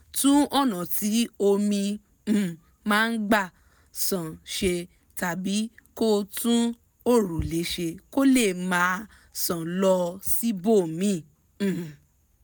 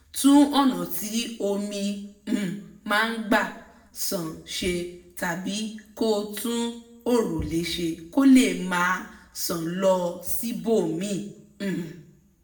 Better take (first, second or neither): first